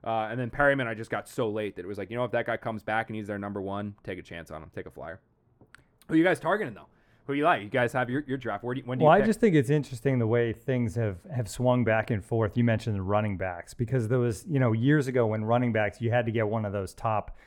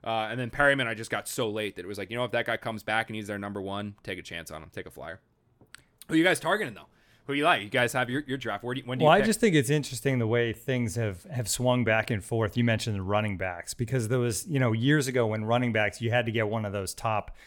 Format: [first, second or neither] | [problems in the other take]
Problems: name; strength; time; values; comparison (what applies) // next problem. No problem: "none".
second | muffled; slightly; fading above 2 kHz